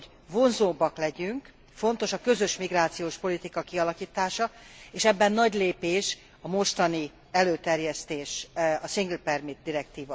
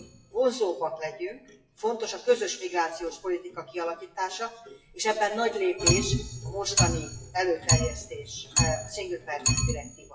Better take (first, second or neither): first